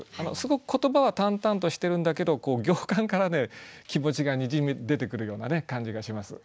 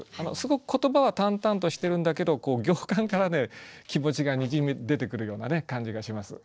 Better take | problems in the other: first | noise reduction (neural separator model SepFormer DNS4)

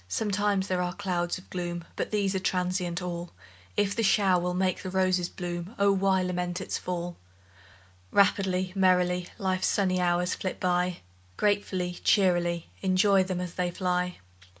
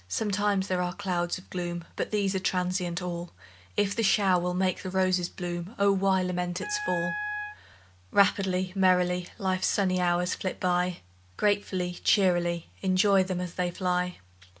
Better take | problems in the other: first | background sound (Wind instrument, woodwind instrument); 9 dB below the speech

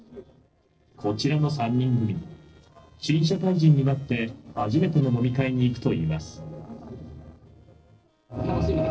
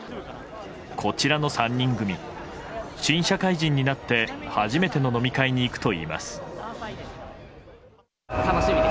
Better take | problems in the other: second | noise reduction (neural separator model SepFormer DNS4)

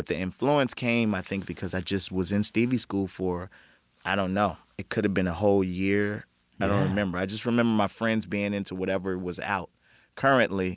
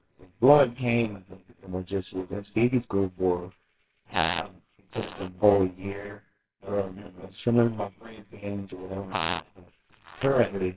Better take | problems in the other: first | noise reduction (neural separator model SepFormer WHAMR!)

